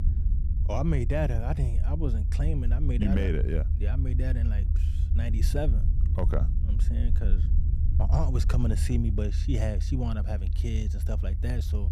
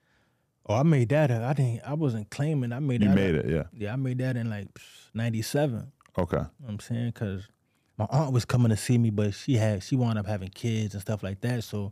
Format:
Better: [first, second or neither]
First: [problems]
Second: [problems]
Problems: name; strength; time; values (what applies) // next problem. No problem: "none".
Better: second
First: low rumble; loud; throughout; 9 dB below the speech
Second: none